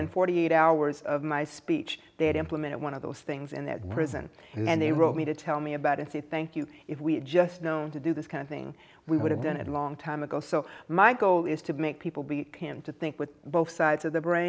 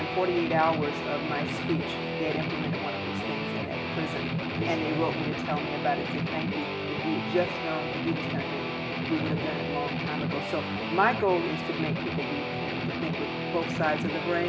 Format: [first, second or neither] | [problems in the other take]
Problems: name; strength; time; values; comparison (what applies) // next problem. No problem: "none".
first | background sound (Guitar); as loud as the speech // room echo; dies away in 1 s